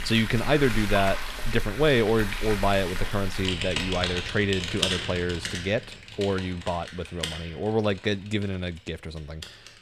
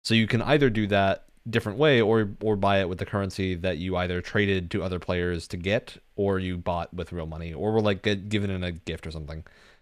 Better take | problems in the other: second | household noises; loud; throughout; 5 dB below the speech

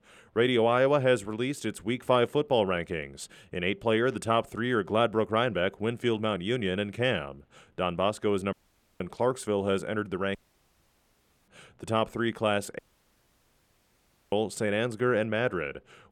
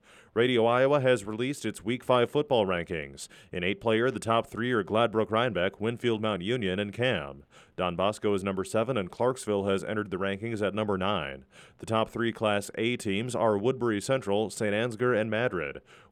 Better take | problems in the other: second | audio cutting out; at 8.5 s, at 10 s for 1 s and at 13 s for 1.5 s

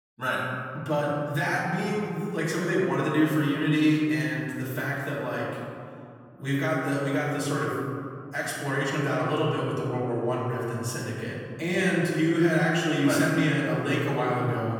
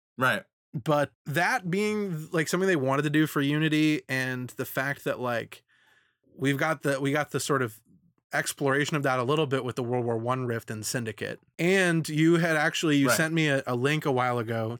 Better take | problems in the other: second | off-mic speech; far // room echo; noticeable; dies away in 2.2 s

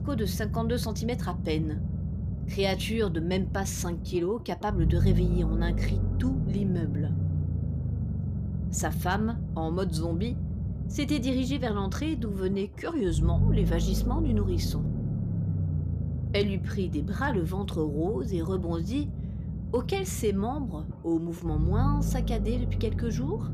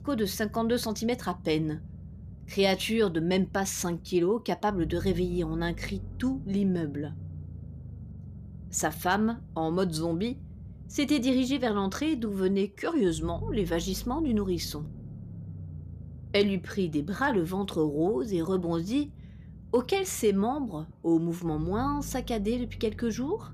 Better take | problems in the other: second | low rumble; loud; throughout; 9 dB below the speech; faint in the second

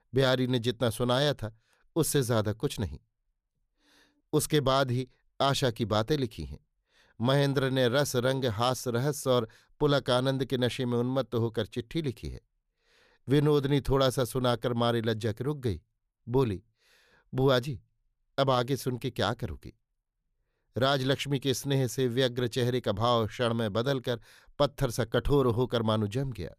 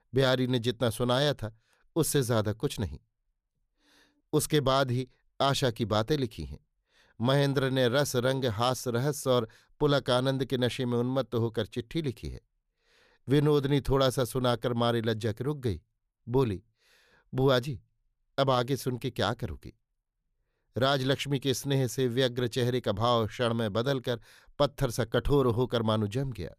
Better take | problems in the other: neither | none

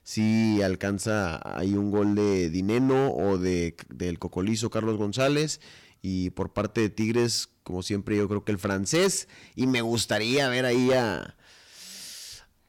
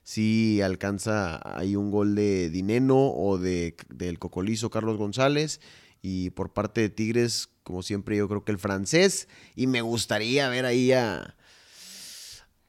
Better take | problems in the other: second | distortion; slight; 6% of the sound clipped

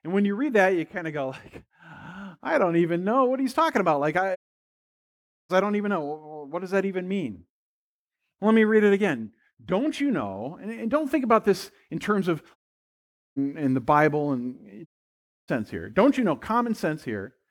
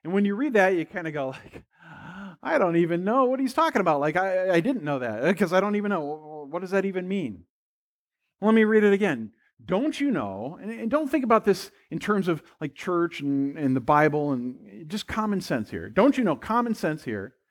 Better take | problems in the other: second | audio cutting out; at 4.5 s for 1 s, at 13 s for 1 s and at 15 s for 0.5 s

